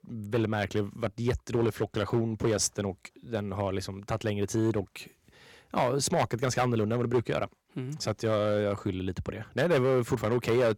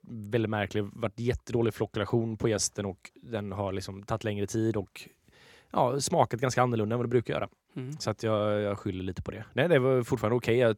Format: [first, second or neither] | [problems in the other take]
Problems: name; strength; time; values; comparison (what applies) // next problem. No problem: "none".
second | distortion; slight; 5% of the sound clipped